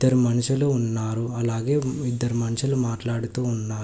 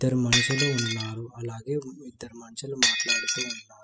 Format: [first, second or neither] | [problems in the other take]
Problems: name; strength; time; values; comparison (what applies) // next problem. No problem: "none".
first | noise reduction (classical method spectral subtraction)